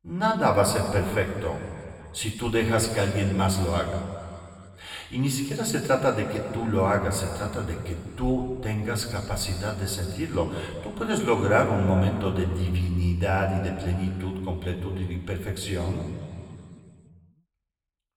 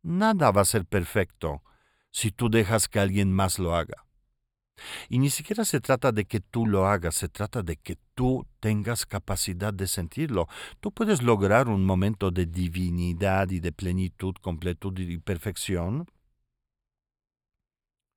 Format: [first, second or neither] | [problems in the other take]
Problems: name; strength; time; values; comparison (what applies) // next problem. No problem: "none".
second | room echo; noticeable; dies away in 2.4 s // off-mic speech; somewhat distant